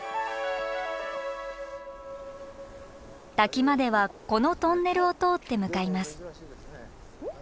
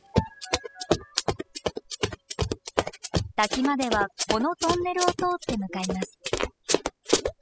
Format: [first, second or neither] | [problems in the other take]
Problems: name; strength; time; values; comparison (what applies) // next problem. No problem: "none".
first | noise reduction (classical method spectral subtraction)